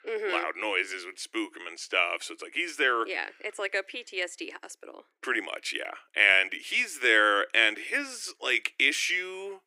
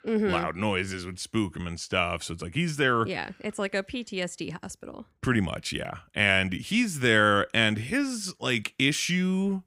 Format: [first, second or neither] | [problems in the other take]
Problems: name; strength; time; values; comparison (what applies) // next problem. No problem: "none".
second | thin; very; fading below 300 Hz